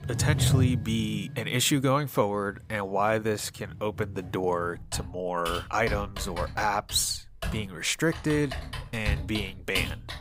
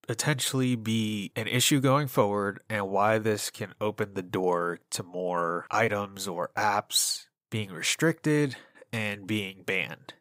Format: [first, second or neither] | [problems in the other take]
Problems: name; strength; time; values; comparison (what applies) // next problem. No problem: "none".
second | household noises; loud; throughout; 5 dB below the speech